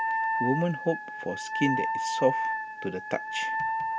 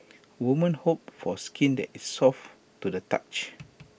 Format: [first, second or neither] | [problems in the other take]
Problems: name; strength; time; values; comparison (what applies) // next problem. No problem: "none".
second | background sound (Wind instrument, woodwind instrument); 1 dB above the speech